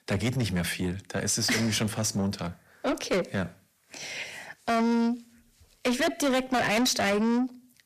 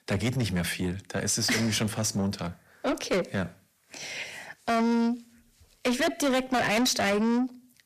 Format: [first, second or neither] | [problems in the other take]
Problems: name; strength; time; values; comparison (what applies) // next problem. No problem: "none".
neither | distortion; heavy; 5 dB below the speech; the same in both